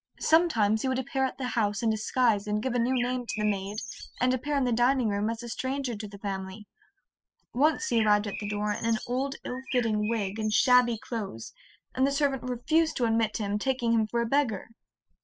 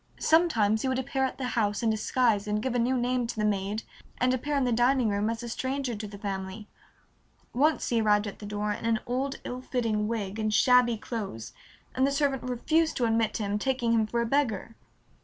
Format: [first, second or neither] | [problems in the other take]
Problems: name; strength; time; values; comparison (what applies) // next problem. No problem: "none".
second | noise reduction (classical method spectral subtraction)